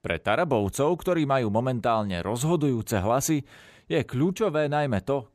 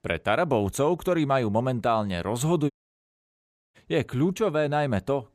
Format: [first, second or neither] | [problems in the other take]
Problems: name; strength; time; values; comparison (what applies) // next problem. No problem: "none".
first | audio cutting out; at 2.5 s for 1 s